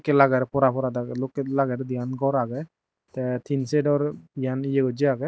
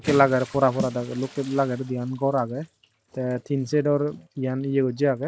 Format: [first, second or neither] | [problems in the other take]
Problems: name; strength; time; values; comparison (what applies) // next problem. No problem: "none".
first | background sound (Bathtub (filling or washing) / Splash, splatter + Snare drum); 16 dB below the speech